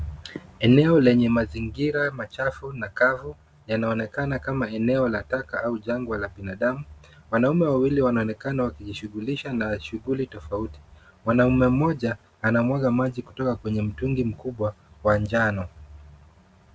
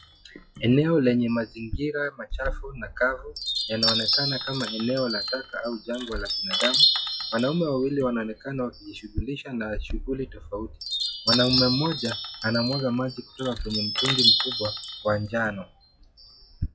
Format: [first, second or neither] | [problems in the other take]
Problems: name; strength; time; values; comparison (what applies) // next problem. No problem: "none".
first | noise reduction (classical method log-MMSE)